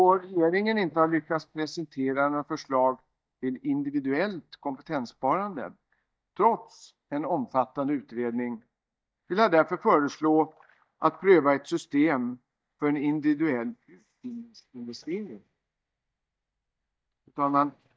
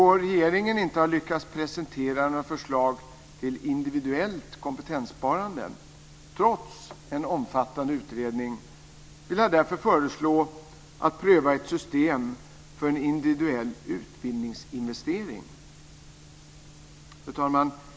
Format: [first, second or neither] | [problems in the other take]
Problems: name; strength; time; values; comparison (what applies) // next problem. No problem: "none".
second | noise reduction (neural mask model DeepFilterNet 3)